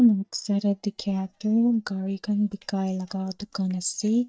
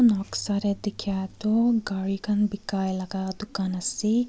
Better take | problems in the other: second | noise reduction (neural mask model DeepFilterNet 3)

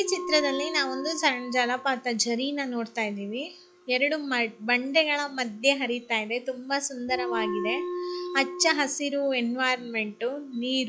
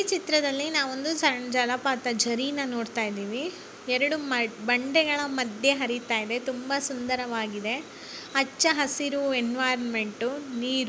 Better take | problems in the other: second | noise reduction (classical method log-MMSE)

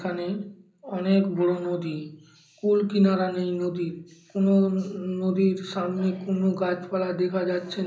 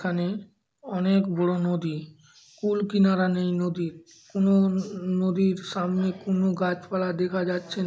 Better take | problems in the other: second | room echo; dies away in 0.5 s

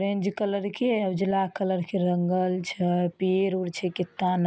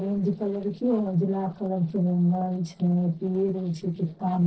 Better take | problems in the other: first | noise reduction (neural separator model SepFormer DNS4)

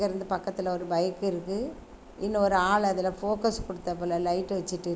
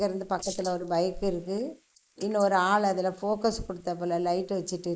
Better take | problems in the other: first | noise reduction (neural mask model Resemble Enhance denoiser)

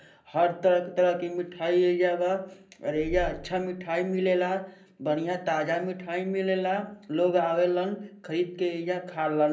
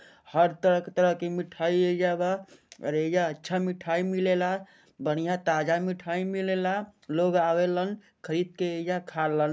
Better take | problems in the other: second | background sound (Purr); 12 dB below the speech // room echo; dies away in 0.5 s

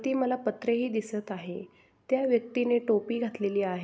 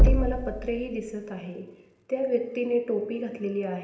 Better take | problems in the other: first | background sound (Knock); 2 dB above the speech // room echo; dies away in 0.8 s

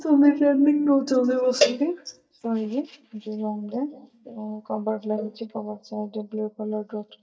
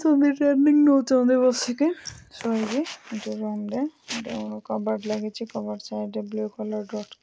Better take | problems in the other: second | noise reduction (neural mask model DeepFilterNet 3)

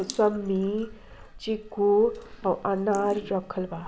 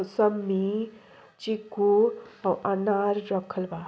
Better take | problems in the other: second | background sound (Drip / Sink (filling or washing) / Water tap, faucet); 17 dB below the speech

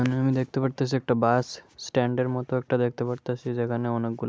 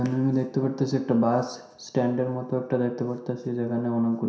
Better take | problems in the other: first | room echo; dies away in 0.7 s

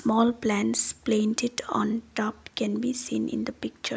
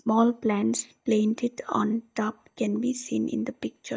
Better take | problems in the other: first | noise reduction (neural mask model DeepFilterNet 3)

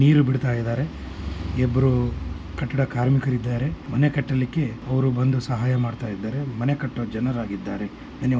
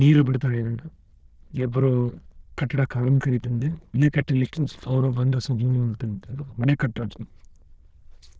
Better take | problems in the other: first | noise reduction (neural diffusion model UNIVERSE++)

